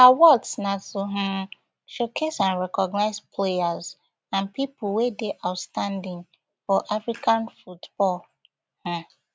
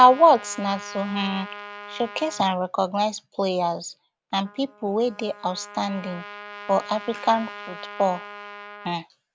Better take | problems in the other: first | background sound (Trumpet); 16 dB below the speech

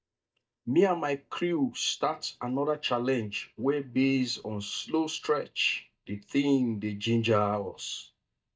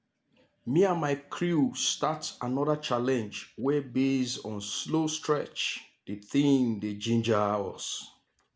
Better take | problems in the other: second | noise reduction (neural mask model DeepFilterNet 3)

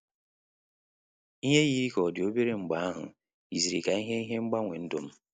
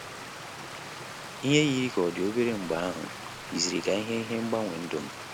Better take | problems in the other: first | background sound (Stream); 10 dB below the speech

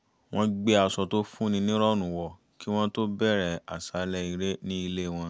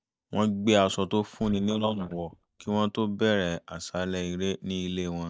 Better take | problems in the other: first | noise reduction (neural mask model DeepFilterNet 3)

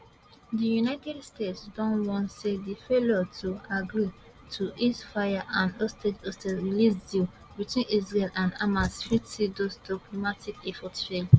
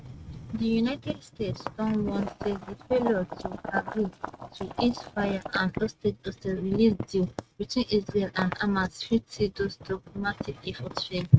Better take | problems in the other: first | noise reduction (neural mask model RNNoise)

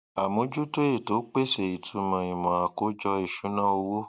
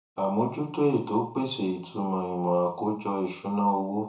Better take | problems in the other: first | room echo; dies away in 0.5 s

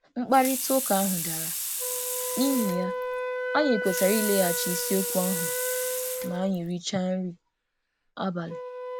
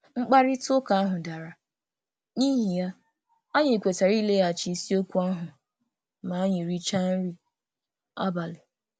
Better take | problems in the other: second | background sound (Sink (filling or washing) / Water tap, faucet + Wind instrument, woodwind instrument); 3 dB below the speech

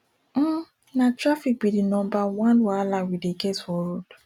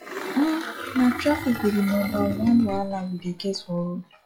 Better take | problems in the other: first | noise reduction (classical method log-MMSE)

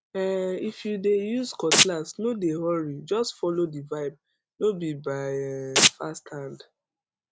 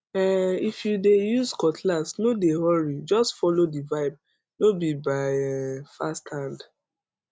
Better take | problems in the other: second | background sound (Domestic sounds, home sounds); 4 dB above the speech

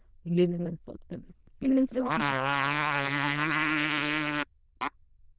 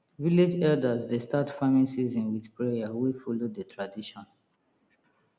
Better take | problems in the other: second | noise reduction (neural diffusion model UNIVERSE++)

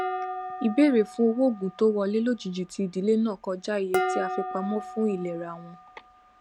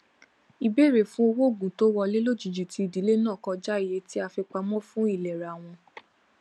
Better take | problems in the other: second | background sound (Dishes, pots, and pans); 9 dB below the speech

